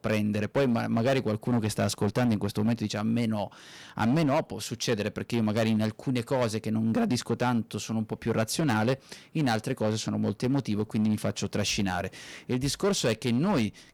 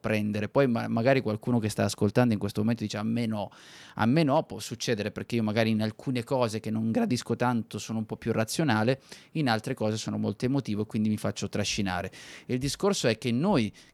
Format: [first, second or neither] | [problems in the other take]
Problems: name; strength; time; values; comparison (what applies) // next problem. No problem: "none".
second | distortion; slight; 8% of the sound clipped